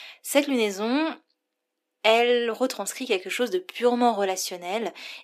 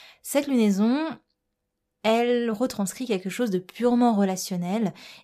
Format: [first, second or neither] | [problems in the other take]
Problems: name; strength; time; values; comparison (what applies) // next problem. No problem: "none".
second | thin; somewhat; fading below 300 Hz